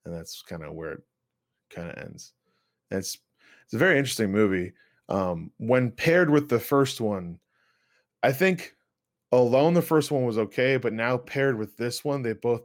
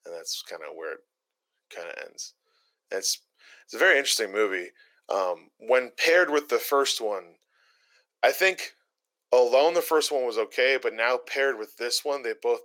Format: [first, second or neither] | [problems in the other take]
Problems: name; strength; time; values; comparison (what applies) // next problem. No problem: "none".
first | thin; very; fading below 450 Hz